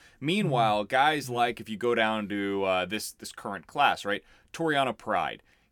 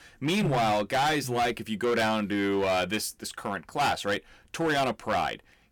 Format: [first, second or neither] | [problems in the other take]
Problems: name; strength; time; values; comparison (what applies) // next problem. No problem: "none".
first | distortion; heavy; 15% of the sound clipped